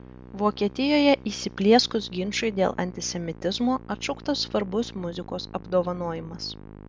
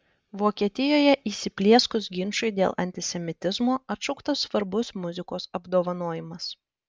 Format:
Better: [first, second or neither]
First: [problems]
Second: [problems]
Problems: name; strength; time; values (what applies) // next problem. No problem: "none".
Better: second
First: background sound (Musical instrument); 18 dB below the speech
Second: none